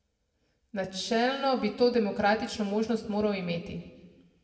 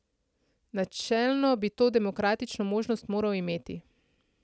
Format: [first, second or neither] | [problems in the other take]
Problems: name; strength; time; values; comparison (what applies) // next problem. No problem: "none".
second | room echo; dies away in 1.1 s